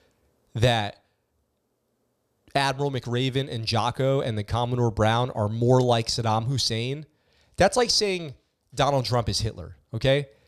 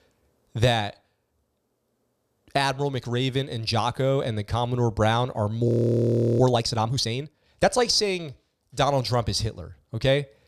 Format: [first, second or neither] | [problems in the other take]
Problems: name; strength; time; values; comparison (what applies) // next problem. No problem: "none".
first | audio freezing; at 5.5 s for 0.5 s